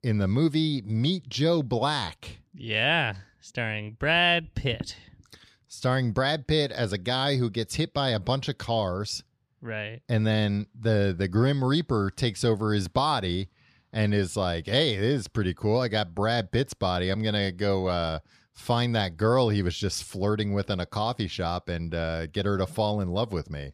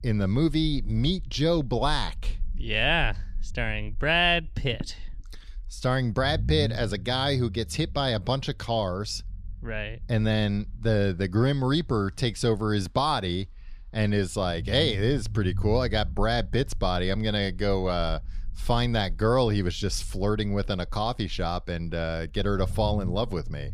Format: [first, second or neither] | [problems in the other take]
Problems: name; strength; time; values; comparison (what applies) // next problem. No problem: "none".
first | low rumble; faint; throughout; 25 dB below the speech